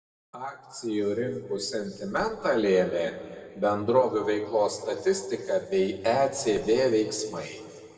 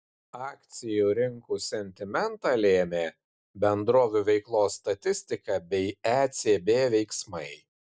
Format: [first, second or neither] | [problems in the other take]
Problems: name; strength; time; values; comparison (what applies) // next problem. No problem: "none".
second | noise reduction (neural separator model SepFormer DNS4)